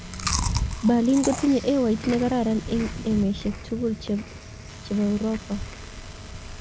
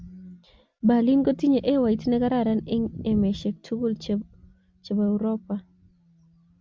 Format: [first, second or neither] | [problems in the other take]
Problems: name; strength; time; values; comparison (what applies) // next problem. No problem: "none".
second | background sound (Chewing, mastication); 8 dB below the speech